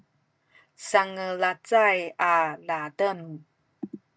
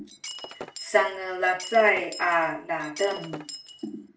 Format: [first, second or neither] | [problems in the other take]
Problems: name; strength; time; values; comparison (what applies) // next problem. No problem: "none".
first | background sound (Shatter); 14 dB below the speech // room echo; dies away in 0.4 s